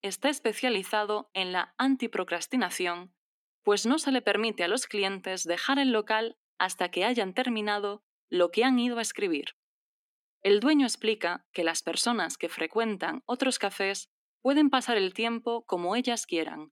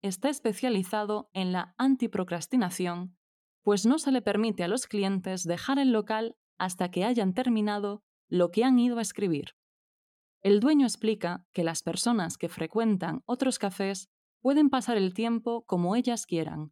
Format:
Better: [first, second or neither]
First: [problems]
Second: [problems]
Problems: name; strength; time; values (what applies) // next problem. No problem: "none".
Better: second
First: thin; very slightly; fading below 250 Hz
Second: none